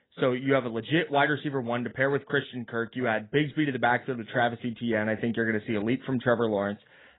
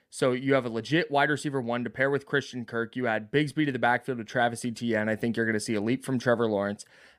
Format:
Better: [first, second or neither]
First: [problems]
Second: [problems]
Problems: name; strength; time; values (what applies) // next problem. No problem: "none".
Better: second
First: garbled, watery; badly; nothing above 3.5 kHz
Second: none